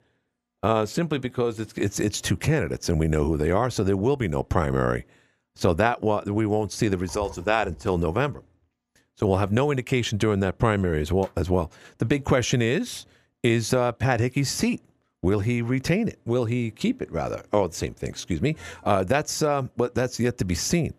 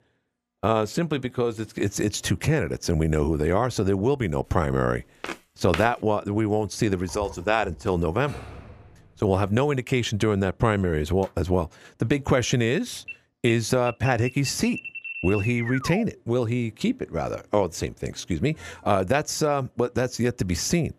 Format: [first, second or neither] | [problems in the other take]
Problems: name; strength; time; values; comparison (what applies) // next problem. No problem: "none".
first | footsteps; noticeable; at 5 s; peak 8 dB below the speech // door banging; faint; from 8.5 to 9.5 s; peak 15 dB below the speech // alarm; noticeable; from 13 to 16 s; peak 6 dB below the speech